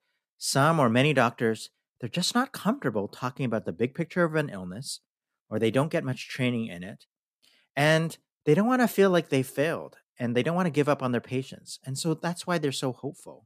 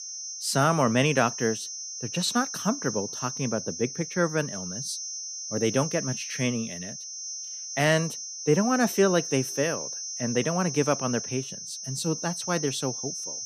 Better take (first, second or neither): first